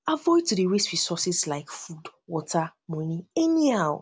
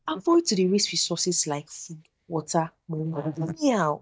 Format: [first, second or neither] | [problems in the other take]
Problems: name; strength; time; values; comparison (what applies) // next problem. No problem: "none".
first | noise reduction (neural mask model DeepFilterNet 3)